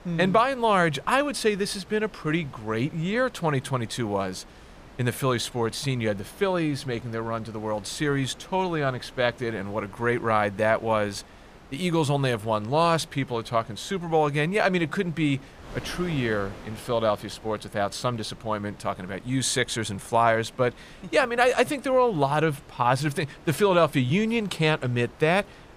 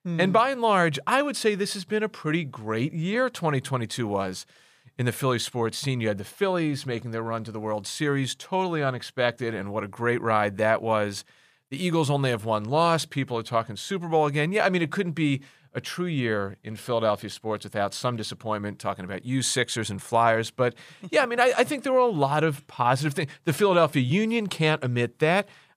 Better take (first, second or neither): second